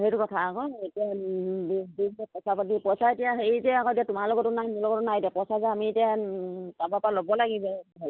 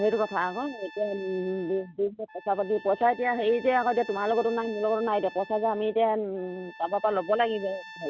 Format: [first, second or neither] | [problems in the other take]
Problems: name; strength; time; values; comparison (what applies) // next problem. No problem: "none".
first | background sound (Trumpet); 19 dB below the speech